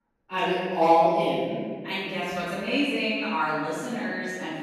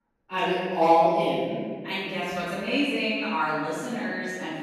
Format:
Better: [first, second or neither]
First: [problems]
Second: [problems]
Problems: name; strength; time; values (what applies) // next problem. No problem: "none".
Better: neither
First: off-mic speech; far // room echo; strong; dies away in 1.6 s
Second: off-mic speech; far // room echo; strong; dies away in 1.6 s